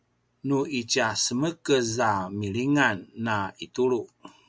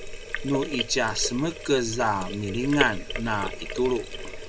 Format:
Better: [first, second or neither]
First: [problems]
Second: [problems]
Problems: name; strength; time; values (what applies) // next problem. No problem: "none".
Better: first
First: none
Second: background sound (Sink (filling or washing)); 6 dB below the speech